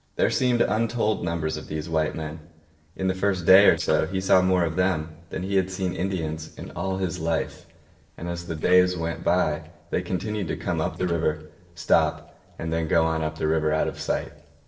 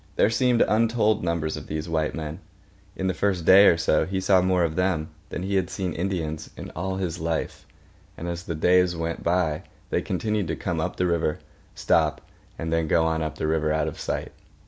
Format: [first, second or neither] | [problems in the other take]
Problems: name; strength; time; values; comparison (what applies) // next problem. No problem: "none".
second | noise reduction (neural separator model SepFormer DNS4)